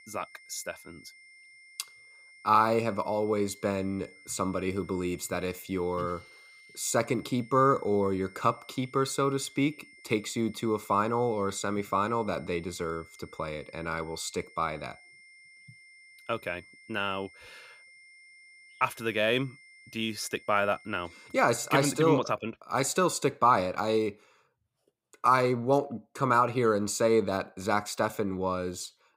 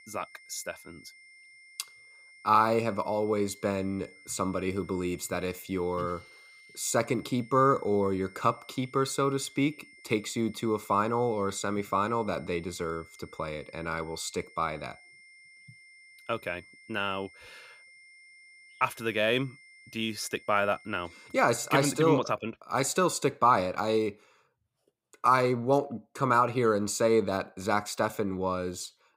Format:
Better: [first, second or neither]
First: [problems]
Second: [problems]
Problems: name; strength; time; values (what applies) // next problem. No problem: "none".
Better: neither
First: high-pitched whine; faint; until 22 s; 2 kHz, 25 dB below the speech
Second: high-pitched whine; faint; until 22 s; 2 kHz, 25 dB below the speech